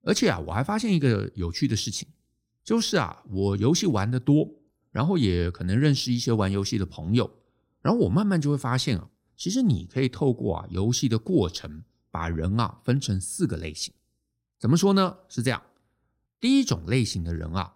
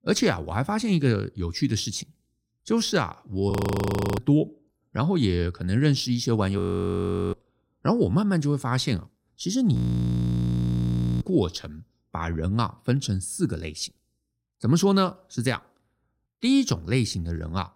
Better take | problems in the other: first | audio freezing; at 3.5 s for 0.5 s, at 6.5 s for 0.5 s and at 10 s for 1.5 s

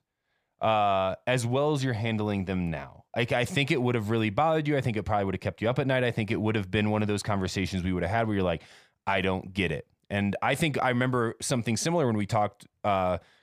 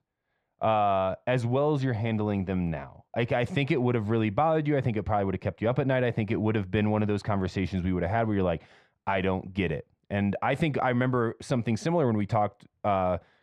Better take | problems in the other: first | muffled; slightly; fading above 1.5 kHz

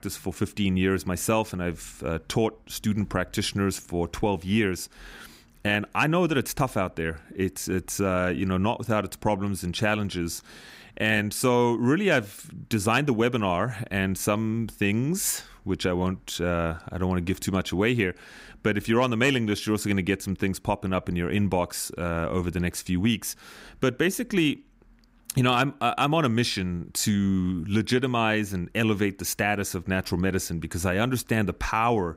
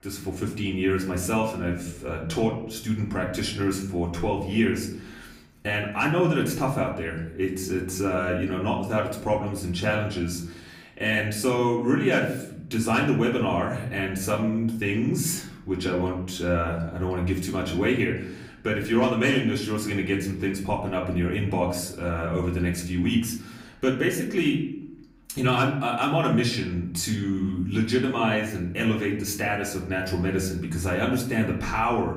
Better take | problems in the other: first | off-mic speech; far // room echo; slight; dies away in 0.6 s

